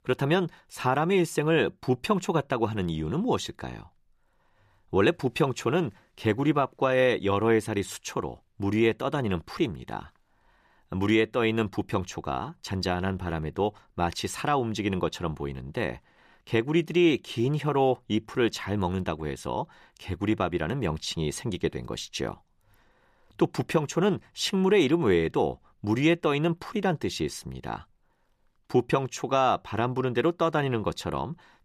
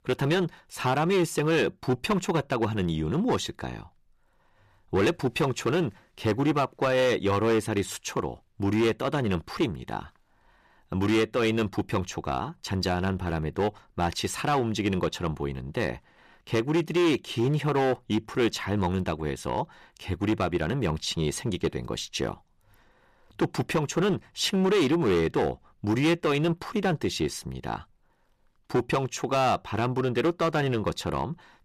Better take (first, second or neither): first